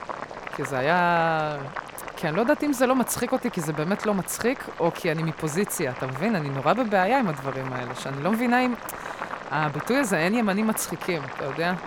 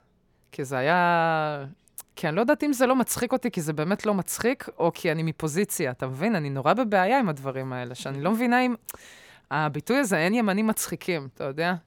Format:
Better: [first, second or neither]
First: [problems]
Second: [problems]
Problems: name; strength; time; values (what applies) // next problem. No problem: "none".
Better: second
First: household noises; noticeable; throughout; 10 dB below the speech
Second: none